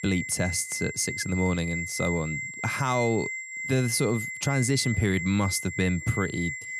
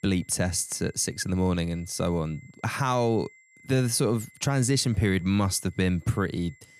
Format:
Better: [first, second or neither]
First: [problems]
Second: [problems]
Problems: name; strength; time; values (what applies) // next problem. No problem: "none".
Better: second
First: high-pitched whine; loud; throughout; 2 kHz, 6 dB below the speech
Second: high-pitched whine; faint; throughout; 2 kHz, 25 dB below the speech